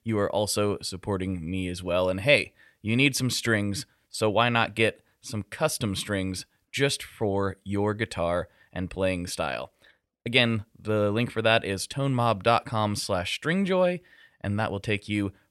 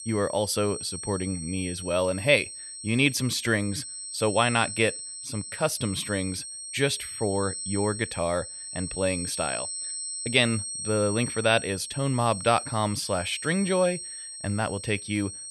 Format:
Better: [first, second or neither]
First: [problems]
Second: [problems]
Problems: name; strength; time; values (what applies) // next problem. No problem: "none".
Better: first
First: none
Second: high-pitched whine; loud; throughout; 8 kHz, 7 dB below the speech